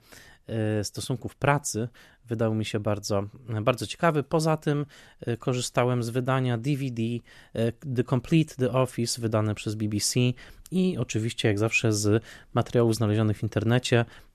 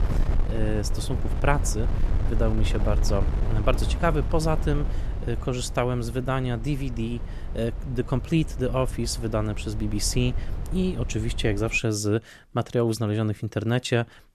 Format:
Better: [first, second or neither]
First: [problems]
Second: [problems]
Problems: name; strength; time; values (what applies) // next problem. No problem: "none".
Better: first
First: none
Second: wind noise on the microphone; occasional gusts; until 12 s; 15 dB below the speech